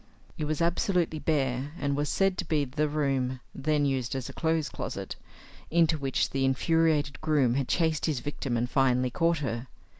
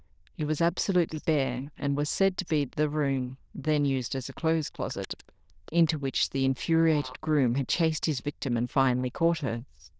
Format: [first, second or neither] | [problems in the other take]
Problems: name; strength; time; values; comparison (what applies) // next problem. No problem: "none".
first | noise reduction (neural diffusion model UNIVERSE++)